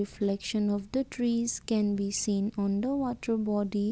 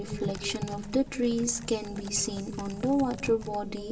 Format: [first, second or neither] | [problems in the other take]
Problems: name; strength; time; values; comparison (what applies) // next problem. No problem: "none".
first | background sound (Typing); 12 dB below the speech // room echo; dies away in 2.8 s